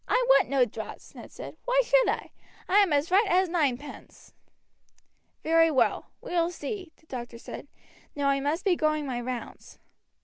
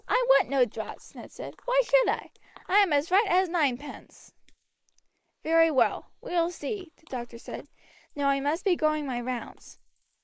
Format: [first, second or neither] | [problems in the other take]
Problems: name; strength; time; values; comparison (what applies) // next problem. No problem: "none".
first | noise reduction (neural mask model Resemble Enhance denoiser)